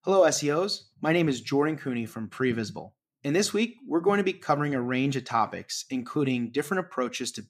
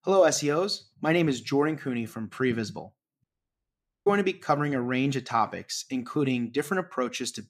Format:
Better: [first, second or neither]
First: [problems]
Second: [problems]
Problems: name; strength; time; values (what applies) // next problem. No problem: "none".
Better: first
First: none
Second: audio cutting out; at 3 s for 1 s